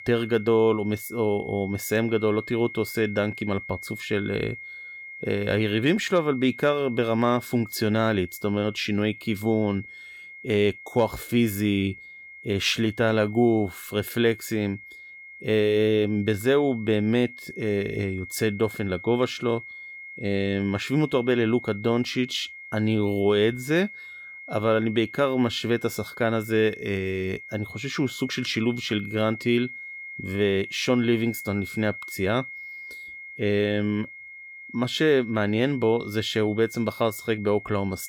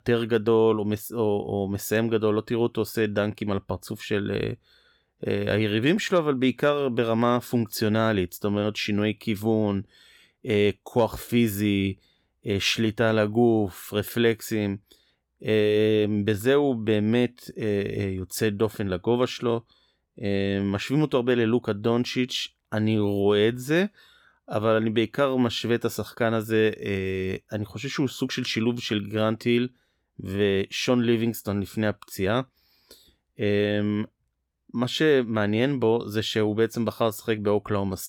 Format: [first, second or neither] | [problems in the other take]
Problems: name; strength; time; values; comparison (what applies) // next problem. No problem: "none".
second | high-pitched whine; noticeable; throughout; 2 kHz, 15 dB below the speech